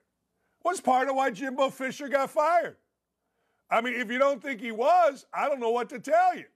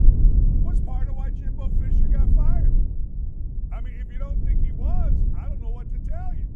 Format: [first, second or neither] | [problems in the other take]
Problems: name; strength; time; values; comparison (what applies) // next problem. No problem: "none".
first | wind noise on the microphone; heavy; 3 dB above the speech